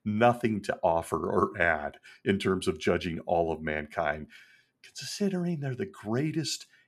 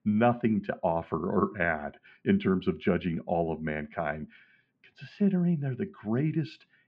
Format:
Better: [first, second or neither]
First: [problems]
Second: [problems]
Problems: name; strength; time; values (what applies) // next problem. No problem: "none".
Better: first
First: none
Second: muffled; very; fading above 3 kHz